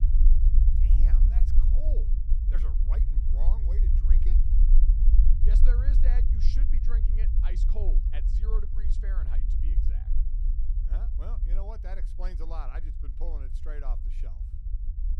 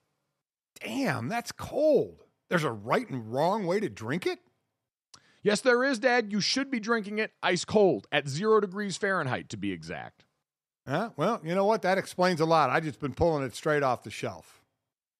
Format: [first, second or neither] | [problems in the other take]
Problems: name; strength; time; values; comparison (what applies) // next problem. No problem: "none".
second | low rumble; loud; throughout; 2 dB below the speech